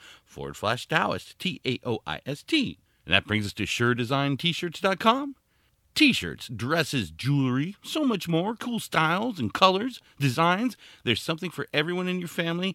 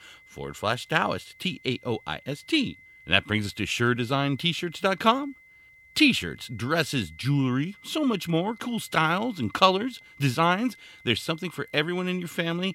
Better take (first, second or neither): first